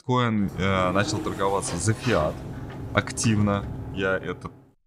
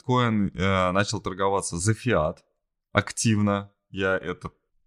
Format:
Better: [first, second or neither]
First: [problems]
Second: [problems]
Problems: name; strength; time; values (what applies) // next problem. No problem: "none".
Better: second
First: door banging; noticeable; peak 6 dB below the speech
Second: none